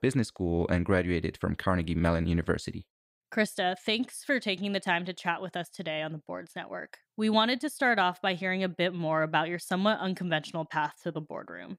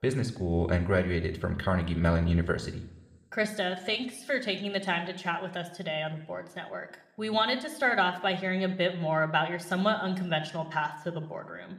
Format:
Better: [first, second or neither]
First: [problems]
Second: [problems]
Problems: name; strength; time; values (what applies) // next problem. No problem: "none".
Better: first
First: none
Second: room echo; very slight; dies away in 0.8 s